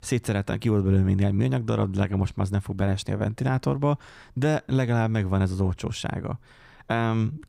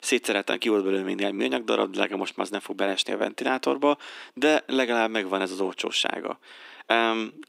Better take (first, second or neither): first